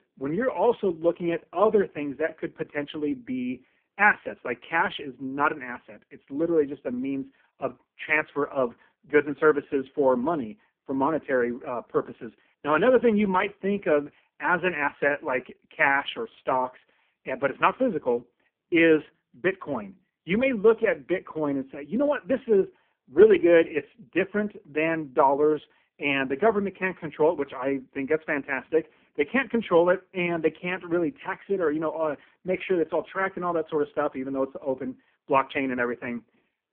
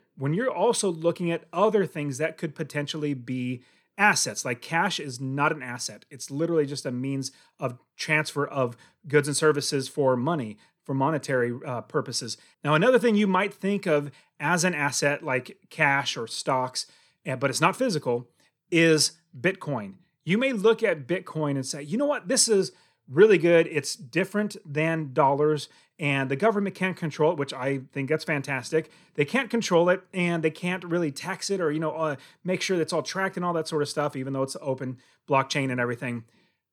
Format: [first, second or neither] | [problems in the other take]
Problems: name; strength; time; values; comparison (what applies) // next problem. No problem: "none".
second | phone-call audio; poor line